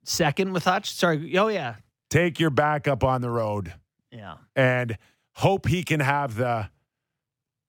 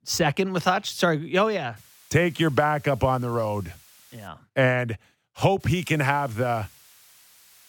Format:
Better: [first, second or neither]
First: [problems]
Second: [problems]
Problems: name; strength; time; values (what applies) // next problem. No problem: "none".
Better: first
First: none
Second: hiss; faint; from 2 to 4.5 s and from 5.5 s on; 25 dB below the speech